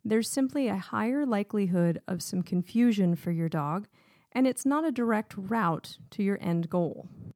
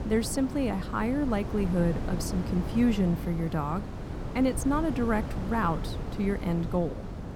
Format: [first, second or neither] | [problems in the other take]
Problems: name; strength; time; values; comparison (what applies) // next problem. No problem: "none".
first | wind noise on the microphone; heavy; 9 dB below the speech